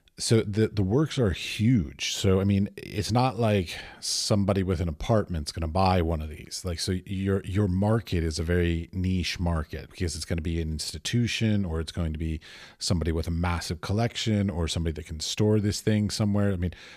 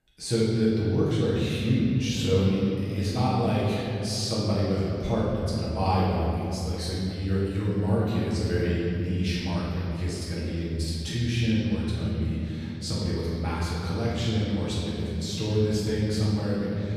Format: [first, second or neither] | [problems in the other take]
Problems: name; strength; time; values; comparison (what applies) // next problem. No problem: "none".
first | room echo; strong; dies away in 3 s // off-mic speech; far